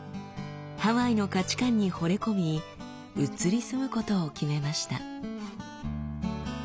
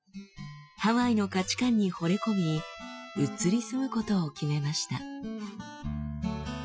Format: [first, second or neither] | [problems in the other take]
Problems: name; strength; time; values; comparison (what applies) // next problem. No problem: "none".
first | noise reduction (classical method Wiener filter)